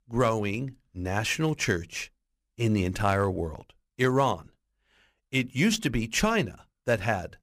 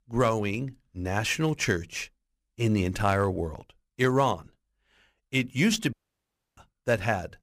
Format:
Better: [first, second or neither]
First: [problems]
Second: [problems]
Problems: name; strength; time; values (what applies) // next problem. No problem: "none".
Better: first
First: none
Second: audio cutting out; at 6 s for 0.5 s